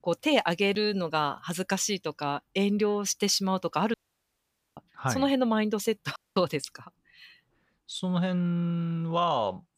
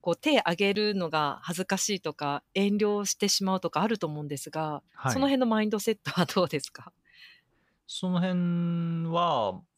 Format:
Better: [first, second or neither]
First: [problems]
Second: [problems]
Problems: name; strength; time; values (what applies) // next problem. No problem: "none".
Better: second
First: audio cutting out; at 4 s for 1 s and at 6 s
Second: none